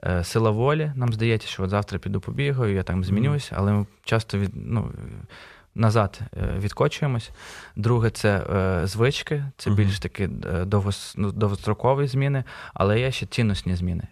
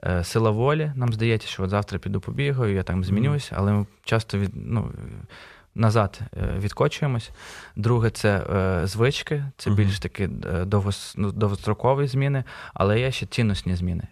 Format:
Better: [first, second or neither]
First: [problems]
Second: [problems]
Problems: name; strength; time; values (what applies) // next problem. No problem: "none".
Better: neither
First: none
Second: none